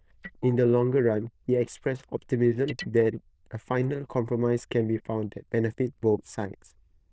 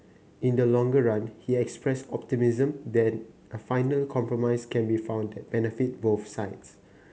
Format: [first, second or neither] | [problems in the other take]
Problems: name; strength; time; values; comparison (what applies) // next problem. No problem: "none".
second | noise reduction (neural diffusion model UNIVERSE++)